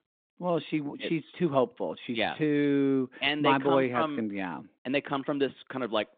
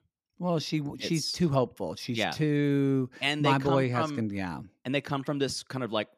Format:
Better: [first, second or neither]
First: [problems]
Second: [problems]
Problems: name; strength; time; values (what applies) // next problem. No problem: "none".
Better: second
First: phone-call audio; nothing above 3.5 kHz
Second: none